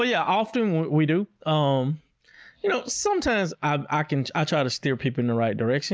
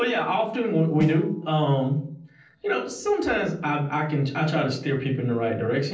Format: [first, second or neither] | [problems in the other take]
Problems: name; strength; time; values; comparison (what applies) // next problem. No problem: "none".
first | noise reduction (neural separator model SepFormer DNS4)